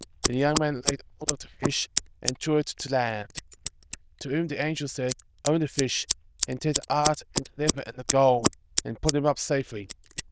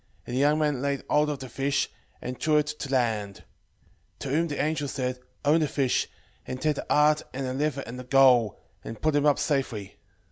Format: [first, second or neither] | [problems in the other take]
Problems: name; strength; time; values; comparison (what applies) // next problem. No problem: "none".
second | noise reduction (neural diffusion model UNIVERSE++)